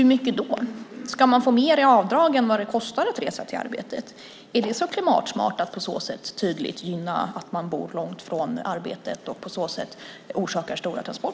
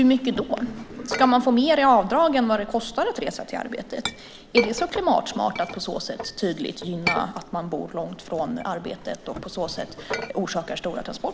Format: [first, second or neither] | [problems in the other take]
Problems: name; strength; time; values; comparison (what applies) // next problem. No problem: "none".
first | background sound (Chink, clink); 11 dB below the speech